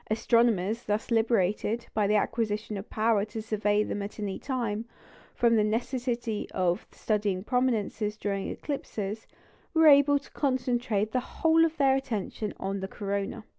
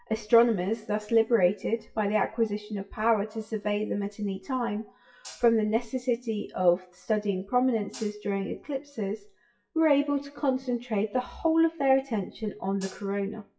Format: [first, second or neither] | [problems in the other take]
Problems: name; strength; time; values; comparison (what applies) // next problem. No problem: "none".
first | noise reduction (classical method WPE with log-MMSE)